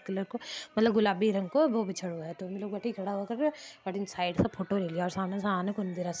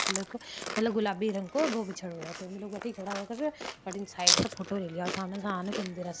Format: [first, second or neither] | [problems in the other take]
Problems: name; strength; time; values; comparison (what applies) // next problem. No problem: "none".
first | background sound (Chewing, mastication); 2 dB below the speech